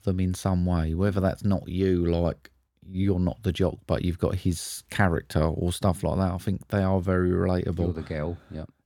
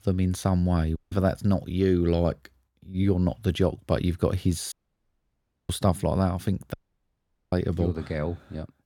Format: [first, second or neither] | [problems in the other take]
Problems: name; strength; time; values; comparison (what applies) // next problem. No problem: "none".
first | audio cutting out; at 1 s, at 4.5 s for 1 s and at 6.5 s for 1 s